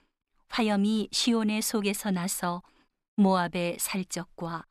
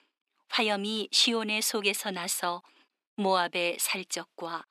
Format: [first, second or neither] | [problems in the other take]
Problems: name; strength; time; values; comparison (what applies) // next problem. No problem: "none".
first | thin; somewhat; fading below 300 Hz